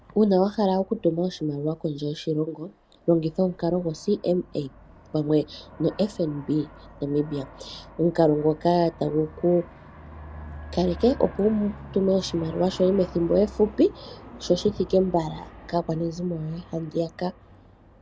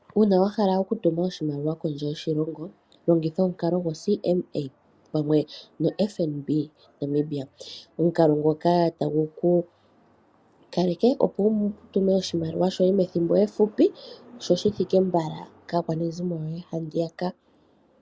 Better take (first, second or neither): second